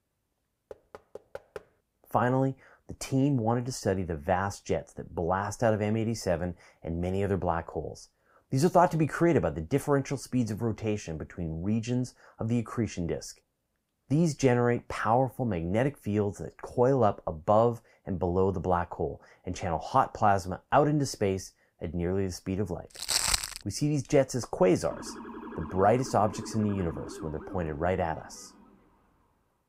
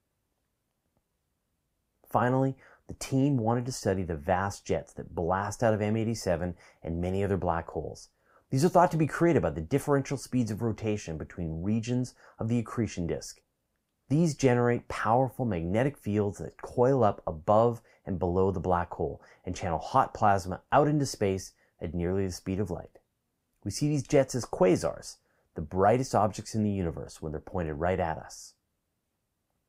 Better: second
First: door banging; faint; at 0.5 s; peak 15 dB below the speech // footsteps; loud; at 23 s; peak 4 dB above the speech // siren; faint; from 25 to 29 s; peak 10 dB below the speech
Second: none

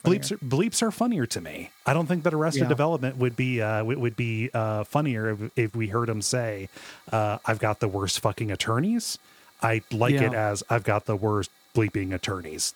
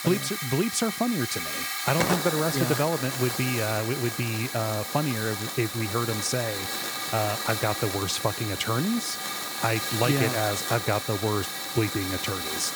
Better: first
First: hiss; faint; throughout; 30 dB below the speech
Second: hiss; loud; throughout; 2 dB below the speech

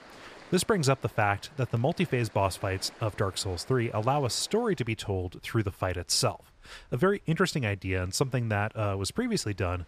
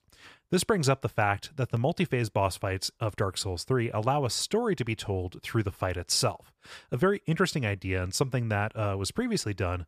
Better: second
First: rain or running water; faint; throughout; 25 dB below the speech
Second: none

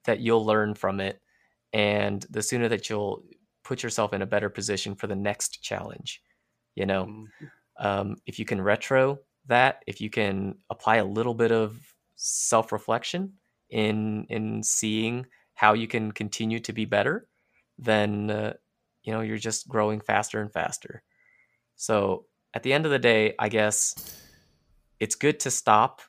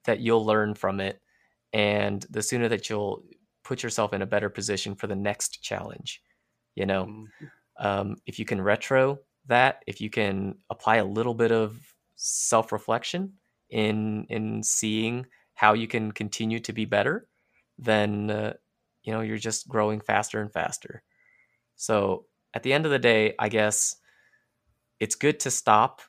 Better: second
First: jangling keys; faint; at 24 s; peak 15 dB below the speech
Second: none

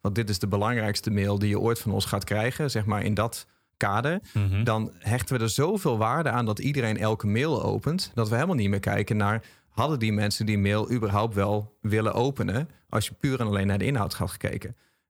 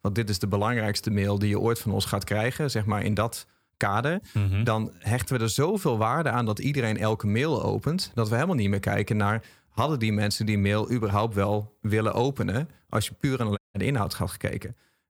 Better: first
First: none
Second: audio cutting out; at 14 s

